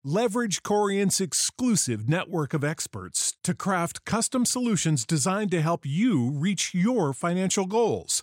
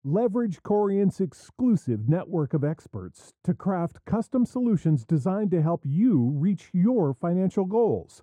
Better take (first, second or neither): first